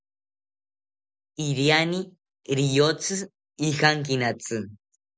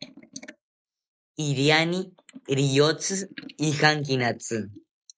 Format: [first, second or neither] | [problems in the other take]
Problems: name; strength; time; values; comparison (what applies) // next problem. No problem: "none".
first | noise reduction (neural mask model Resemble Enhance denoiser)